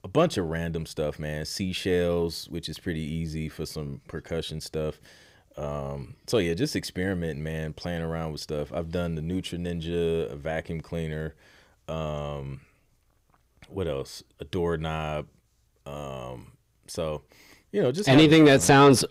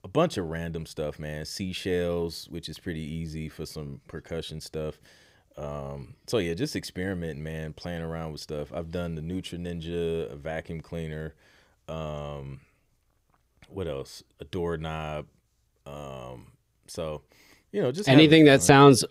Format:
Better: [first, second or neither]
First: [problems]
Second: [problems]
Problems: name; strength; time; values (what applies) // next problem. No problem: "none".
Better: second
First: distortion; slight; 10 dB below the speech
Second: none